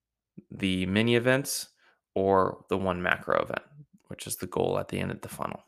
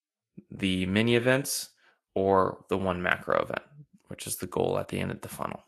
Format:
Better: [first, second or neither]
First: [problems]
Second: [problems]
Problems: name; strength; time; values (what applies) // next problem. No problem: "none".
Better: first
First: none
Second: garbled, watery; slightly; nothing above 12.5 kHz